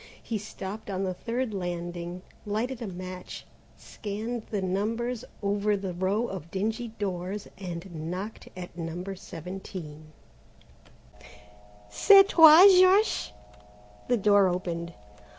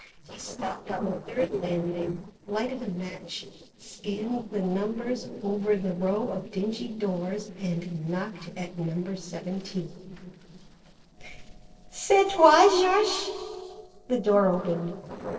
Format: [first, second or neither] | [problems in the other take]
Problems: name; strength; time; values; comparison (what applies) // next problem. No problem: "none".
first | noise reduction (neural separator model SepFormer DNS4)